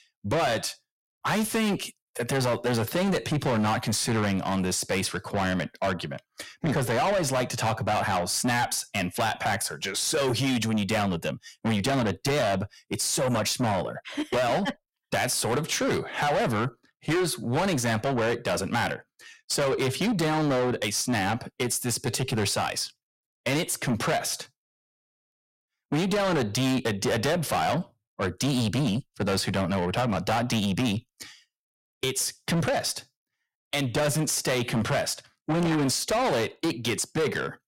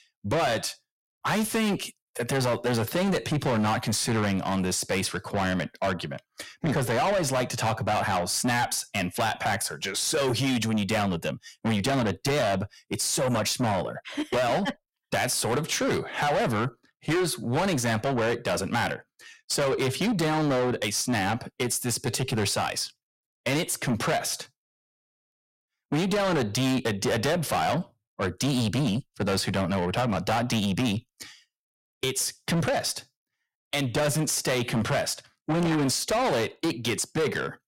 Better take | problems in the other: neither | distortion; heavy; 6 dB below the speech; the same in both

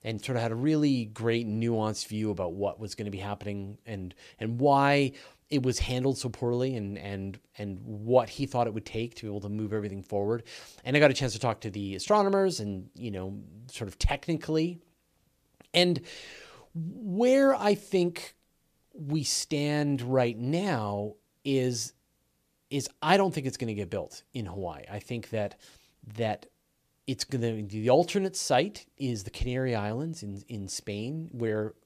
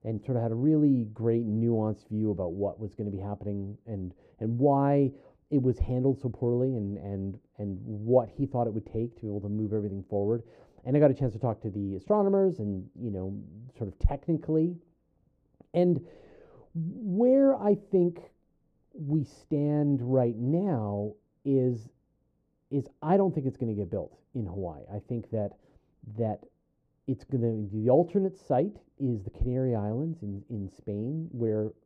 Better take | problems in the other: first | muffled; very; fading above 1.5 kHz

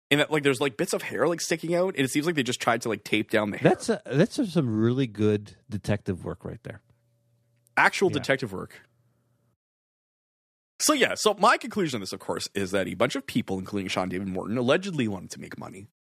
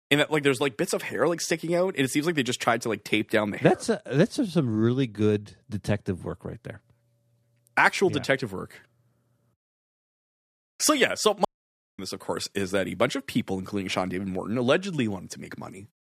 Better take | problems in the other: first | audio cutting out; at 11 s for 0.5 s

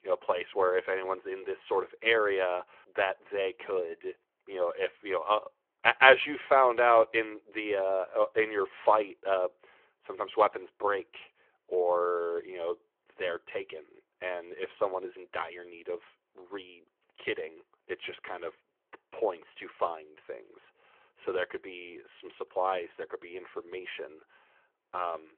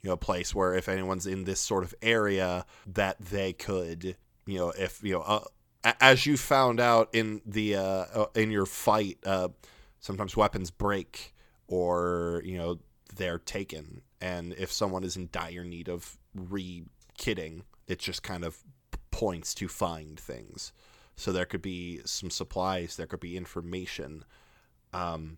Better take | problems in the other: second | phone-call audio

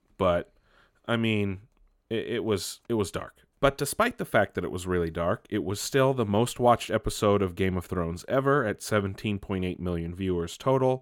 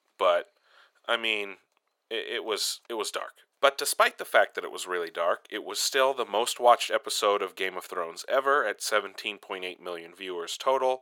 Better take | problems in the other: first | thin; very; fading below 550 Hz

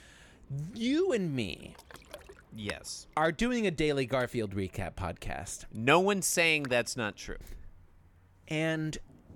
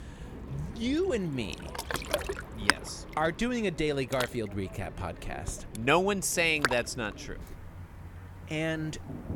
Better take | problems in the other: first | rain or running water; loud; throughout; 7 dB below the speech; faint in the first

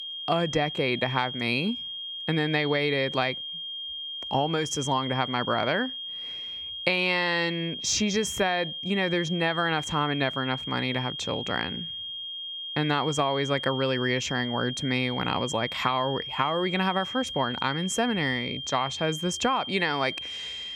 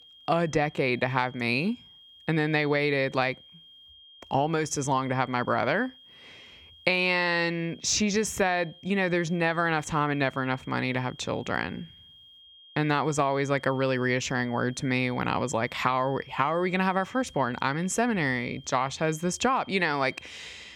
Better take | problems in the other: second | high-pitched whine; loud; throughout; 3 kHz, 6 dB below the speech; faint in the second

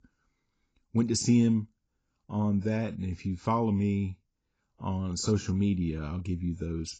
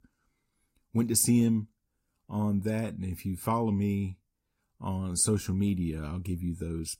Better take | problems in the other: second | garbled, watery; badly; nothing above 8 kHz; slightly in the second

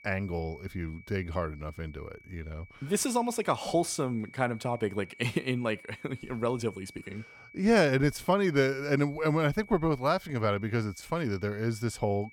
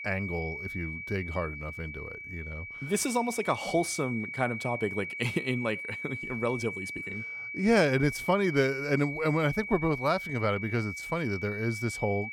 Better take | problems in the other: first | high-pitched whine; loud; throughout; 2.5 kHz, 7 dB below the speech; faint in the first

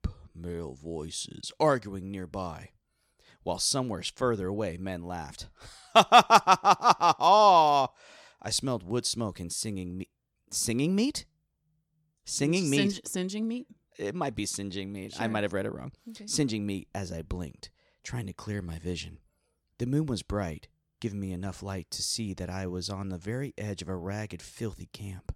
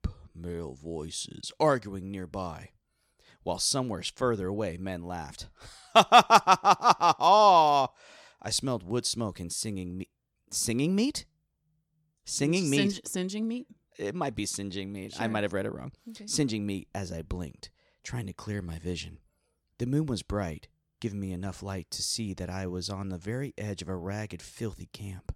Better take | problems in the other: neither | none

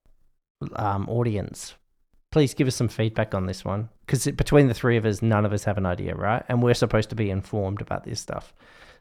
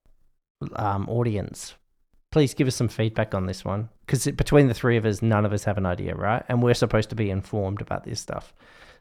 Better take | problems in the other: neither | none

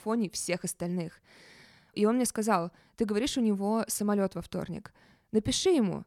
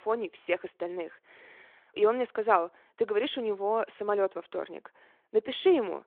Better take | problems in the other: first | phone-call audio; nothing above 3.5 kHz

